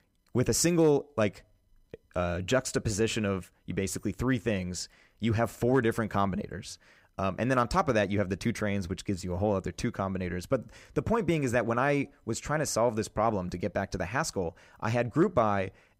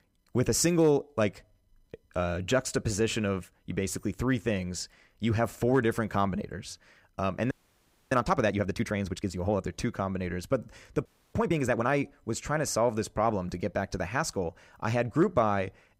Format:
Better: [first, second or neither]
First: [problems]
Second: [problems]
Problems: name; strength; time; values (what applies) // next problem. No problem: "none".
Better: first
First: none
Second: audio freezing; at 7.5 s for 0.5 s and at 11 s